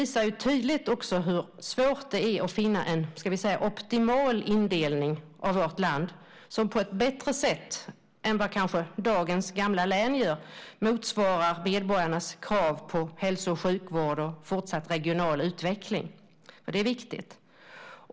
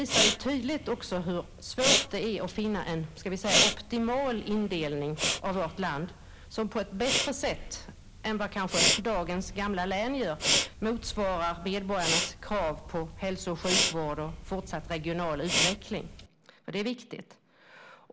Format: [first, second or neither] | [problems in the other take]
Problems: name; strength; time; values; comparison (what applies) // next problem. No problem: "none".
first | background sound (Respiratory sounds); 1 dB below the speech